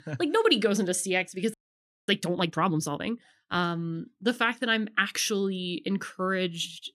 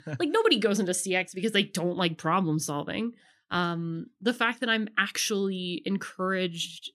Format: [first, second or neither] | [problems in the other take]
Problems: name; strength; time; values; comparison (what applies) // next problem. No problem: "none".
second | audio freezing; at 1.5 s for 0.5 s